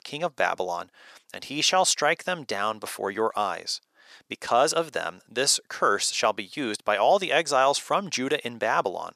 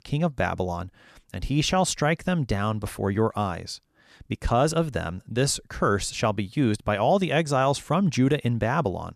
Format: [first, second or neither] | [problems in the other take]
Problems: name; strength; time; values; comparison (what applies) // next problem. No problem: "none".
second | thin; very; fading below 500 Hz